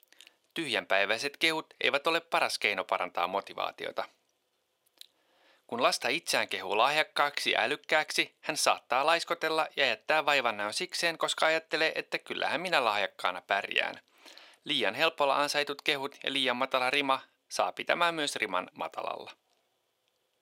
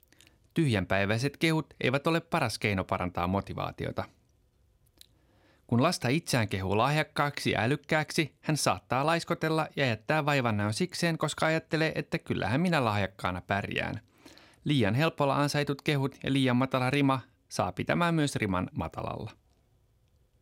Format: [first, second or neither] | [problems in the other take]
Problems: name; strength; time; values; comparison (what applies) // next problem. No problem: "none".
second | thin; very; fading below 600 Hz